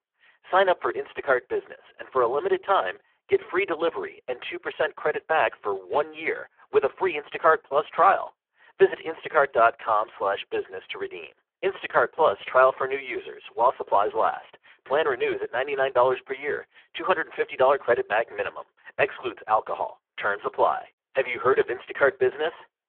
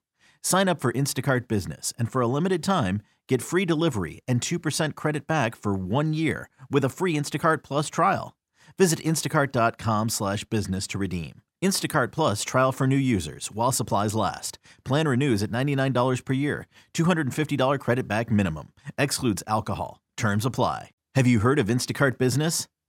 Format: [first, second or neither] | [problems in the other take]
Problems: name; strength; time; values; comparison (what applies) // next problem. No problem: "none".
second | phone-call audio; poor line